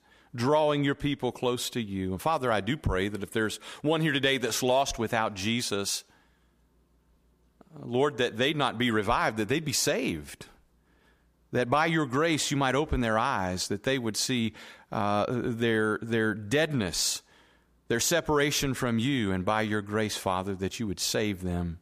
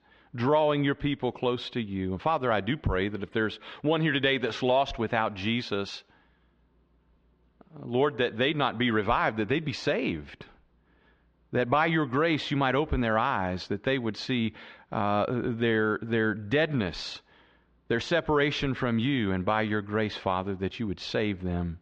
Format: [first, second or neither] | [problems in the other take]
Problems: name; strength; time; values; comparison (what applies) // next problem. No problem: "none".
first | muffled; slightly; fading above 3.5 kHz